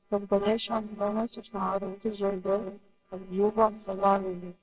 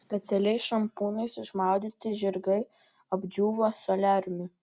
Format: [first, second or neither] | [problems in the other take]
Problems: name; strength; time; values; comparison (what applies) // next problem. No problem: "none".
second | noise reduction (neural separator model SepFormer WHAMR!)